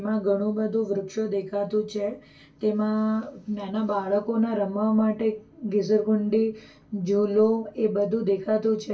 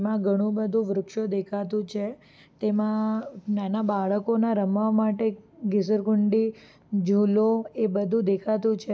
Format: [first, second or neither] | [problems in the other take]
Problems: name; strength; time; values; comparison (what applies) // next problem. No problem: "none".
second | room echo; dies away in 0.2 s